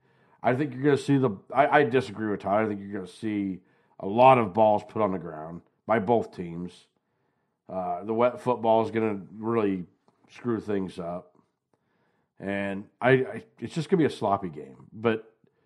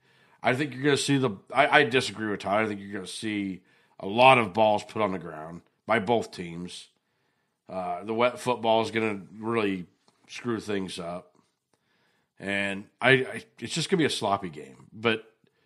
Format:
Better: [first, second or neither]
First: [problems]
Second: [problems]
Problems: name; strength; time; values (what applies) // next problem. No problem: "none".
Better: second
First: muffled; slightly; fading above 2 kHz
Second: none